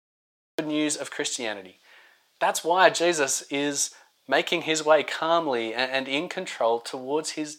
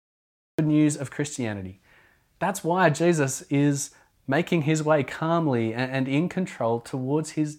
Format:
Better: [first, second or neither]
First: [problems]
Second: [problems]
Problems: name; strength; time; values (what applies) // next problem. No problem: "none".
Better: second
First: thin; somewhat; fading below 550 Hz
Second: none